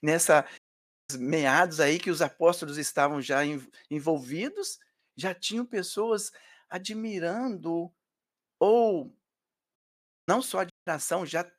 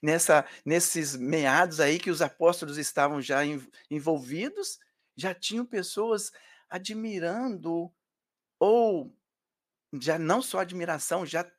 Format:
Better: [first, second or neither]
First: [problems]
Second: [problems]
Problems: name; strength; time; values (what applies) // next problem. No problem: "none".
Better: second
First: audio cutting out; at 0.5 s for 0.5 s, at 10 s for 0.5 s and at 11 s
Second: none